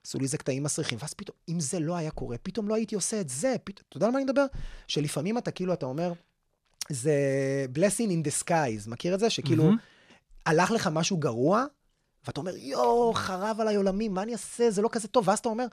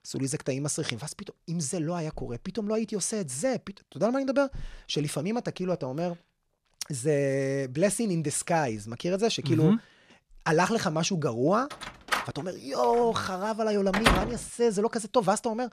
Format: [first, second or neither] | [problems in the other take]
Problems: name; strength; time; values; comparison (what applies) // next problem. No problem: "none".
first | door banging; loud; from 12 to 14 s; peak 4 dB above the speech